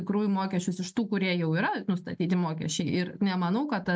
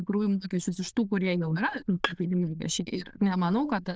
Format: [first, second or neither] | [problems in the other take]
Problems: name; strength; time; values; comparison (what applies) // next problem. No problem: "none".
first | noise reduction (neural diffusion model UNIVERSE++)